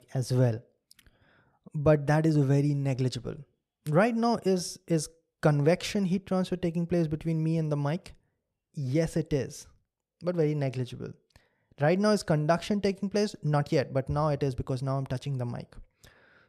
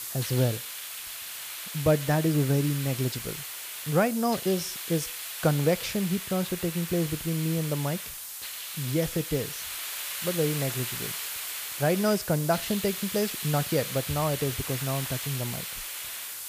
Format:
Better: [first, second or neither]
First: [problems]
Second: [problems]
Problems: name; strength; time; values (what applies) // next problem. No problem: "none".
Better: first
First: none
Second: hiss; loud; throughout; 5 dB below the speech